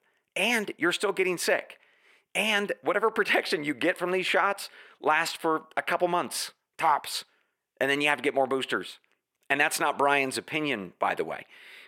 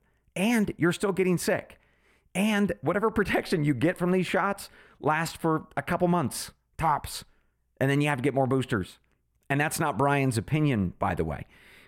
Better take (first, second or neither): second